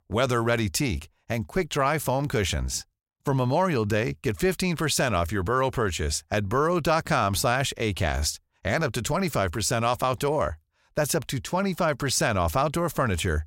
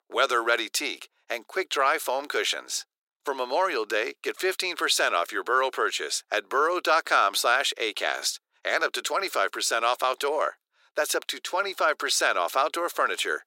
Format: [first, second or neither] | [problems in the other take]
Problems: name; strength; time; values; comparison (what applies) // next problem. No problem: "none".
first | thin; very; fading below 350 Hz